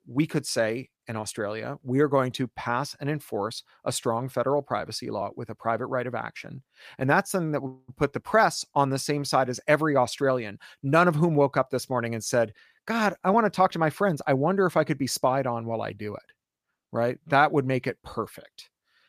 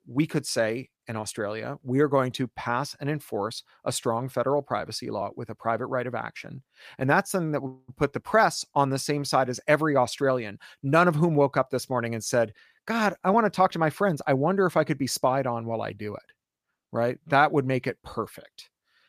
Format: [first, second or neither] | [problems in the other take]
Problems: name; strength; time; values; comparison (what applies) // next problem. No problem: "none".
neither | none